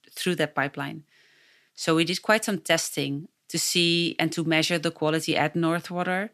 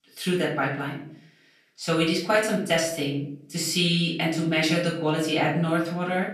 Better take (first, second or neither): first